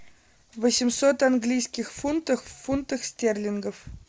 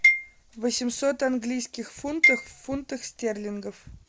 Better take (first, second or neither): first